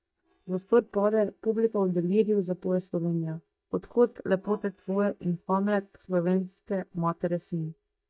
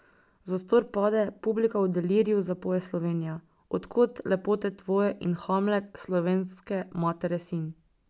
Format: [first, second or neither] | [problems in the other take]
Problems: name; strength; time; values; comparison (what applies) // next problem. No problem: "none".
second | noise reduction (neural mask model DeepFilterNet 3)